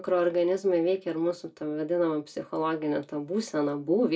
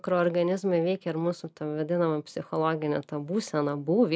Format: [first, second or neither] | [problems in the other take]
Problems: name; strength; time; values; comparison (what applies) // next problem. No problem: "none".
second | room echo; dies away in 0.2 s